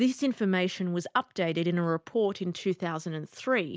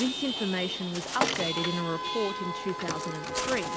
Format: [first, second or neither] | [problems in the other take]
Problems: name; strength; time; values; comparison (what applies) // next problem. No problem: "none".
first | background sound (Bird + Chatter / Traffic noise, roadway noise / Vehicle horn, car horn, honking / Engine); as loud as the speech